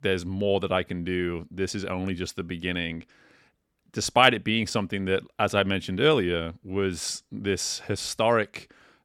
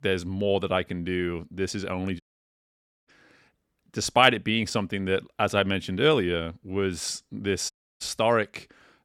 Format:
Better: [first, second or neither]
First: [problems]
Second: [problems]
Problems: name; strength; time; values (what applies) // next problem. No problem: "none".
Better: first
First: none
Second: audio cutting out; at 2 s for 1 s and at 7.5 s